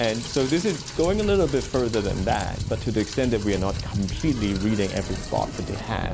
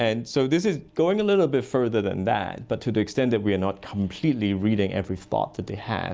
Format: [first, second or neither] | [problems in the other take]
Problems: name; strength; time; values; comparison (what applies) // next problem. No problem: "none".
second | background sound (Rain); 6 dB below the speech